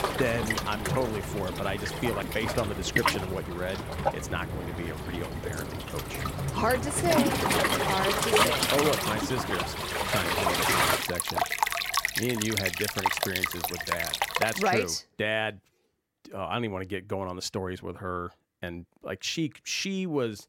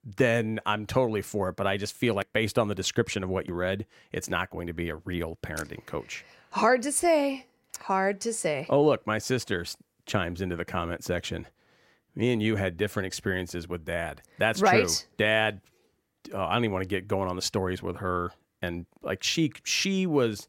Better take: second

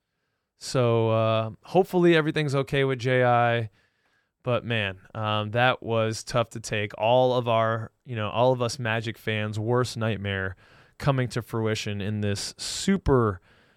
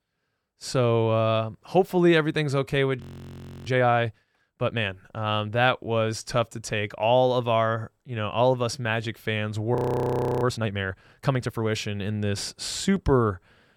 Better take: first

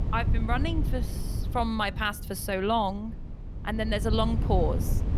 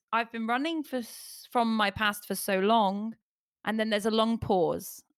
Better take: second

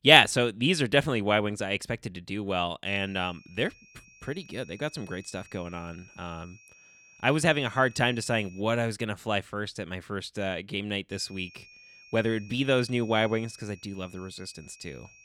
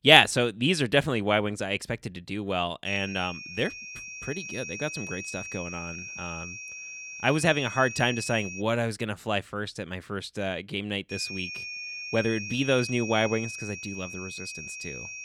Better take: first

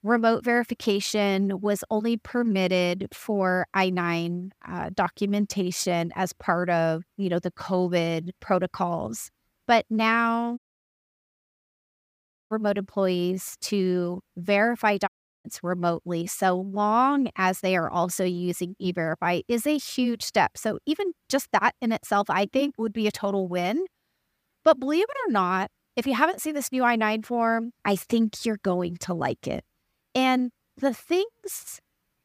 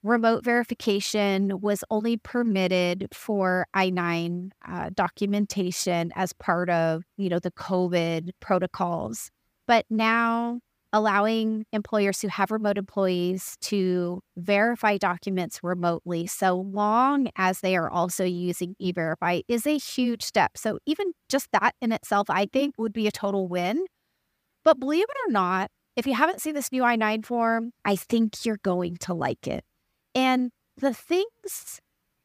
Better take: second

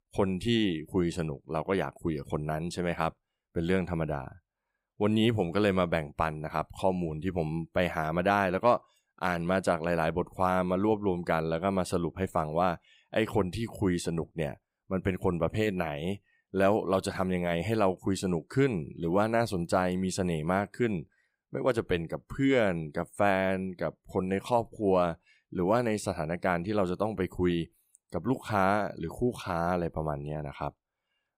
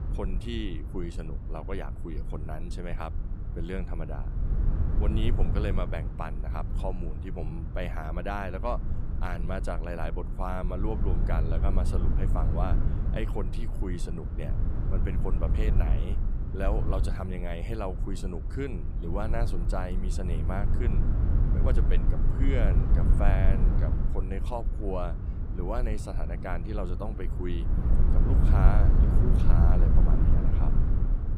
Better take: first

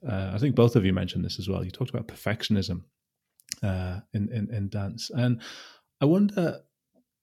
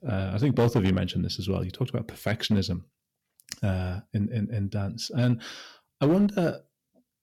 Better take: first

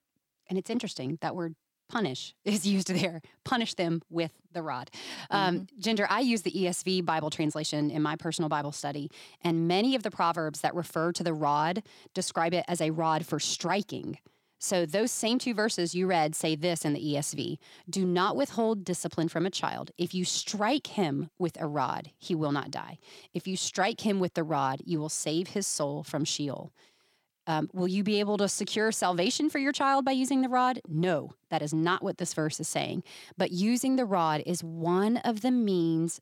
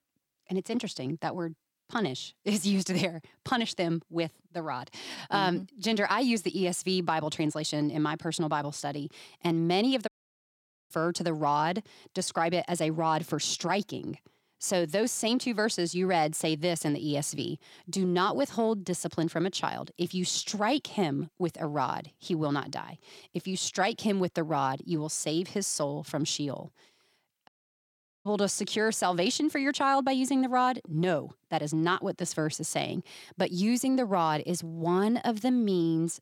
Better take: first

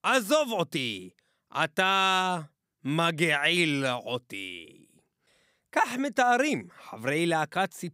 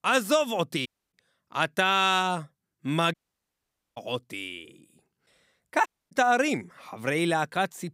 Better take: first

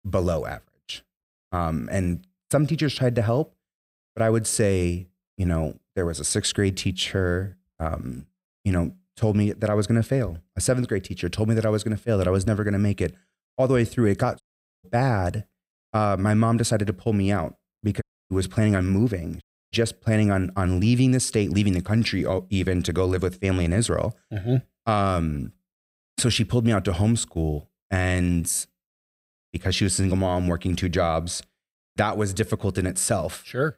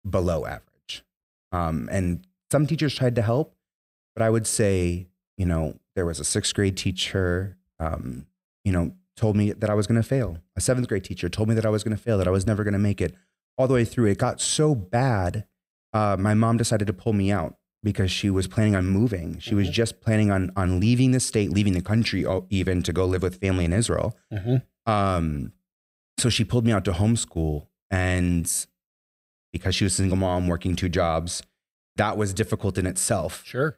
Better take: second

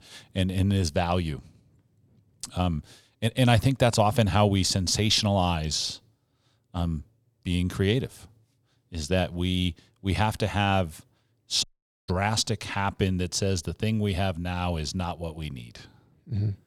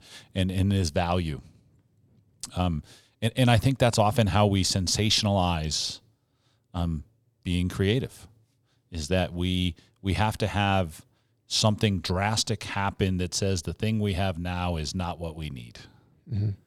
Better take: second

